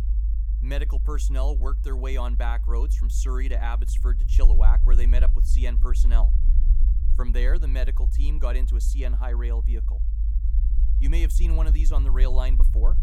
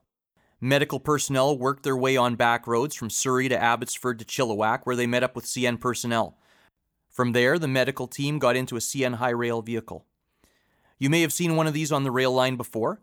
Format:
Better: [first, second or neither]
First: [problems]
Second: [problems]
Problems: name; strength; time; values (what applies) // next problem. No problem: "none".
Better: second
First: low rumble; loud; throughout; 10 dB below the speech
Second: none